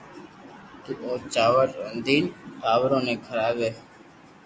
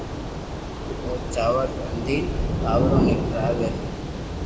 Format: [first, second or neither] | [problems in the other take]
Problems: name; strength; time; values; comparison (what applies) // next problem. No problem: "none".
first | background sound (Thunder / Rain); 3 dB above the speech // room echo; dies away in 1.3 s